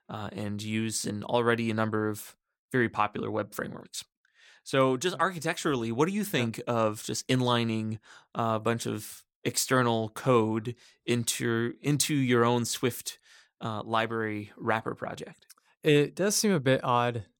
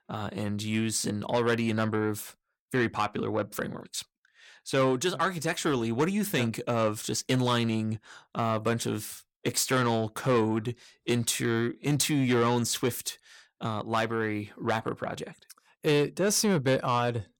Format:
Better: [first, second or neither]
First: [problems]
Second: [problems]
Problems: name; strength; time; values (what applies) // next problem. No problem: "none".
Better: first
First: none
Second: distortion; slight; 10 dB below the speech